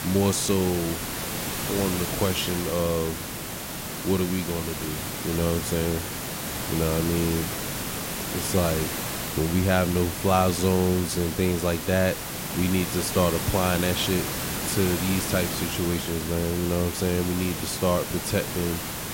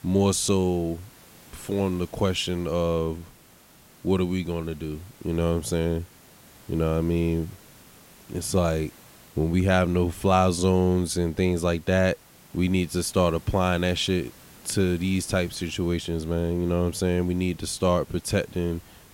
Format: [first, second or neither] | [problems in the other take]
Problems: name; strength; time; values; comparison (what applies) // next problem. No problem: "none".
second | hiss; loud; throughout; 4 dB below the speech; faint in the second